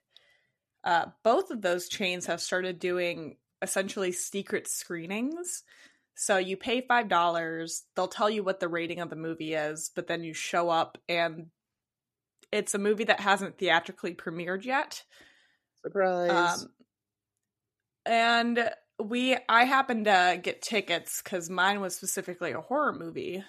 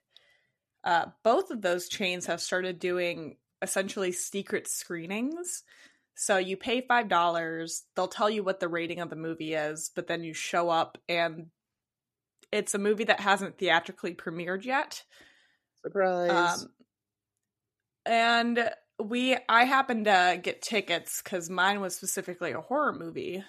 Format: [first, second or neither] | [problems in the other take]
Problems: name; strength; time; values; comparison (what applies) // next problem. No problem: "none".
neither | none